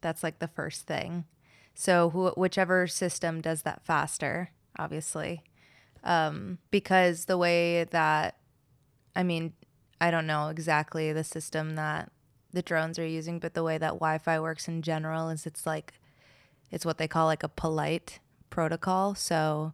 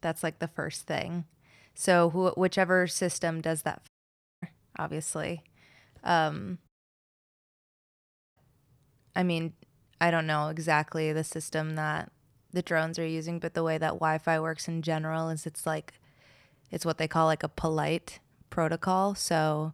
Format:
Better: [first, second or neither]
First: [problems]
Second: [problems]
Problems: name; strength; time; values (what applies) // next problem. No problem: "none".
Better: first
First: none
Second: audio cutting out; at 4 s for 0.5 s and at 6.5 s for 1.5 s